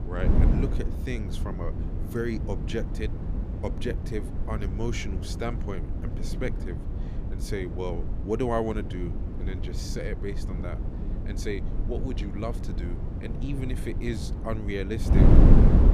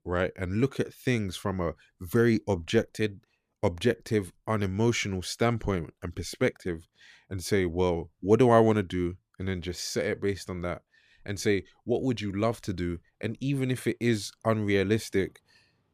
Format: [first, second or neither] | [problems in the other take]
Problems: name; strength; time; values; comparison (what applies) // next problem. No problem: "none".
second | wind noise on the microphone; heavy; 3 dB below the speech